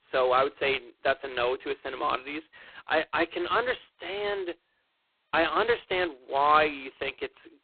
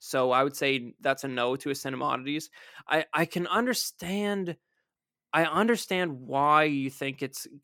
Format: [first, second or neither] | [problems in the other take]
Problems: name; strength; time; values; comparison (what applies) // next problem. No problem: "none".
second | phone-call audio; poor line; nothing above 4 kHz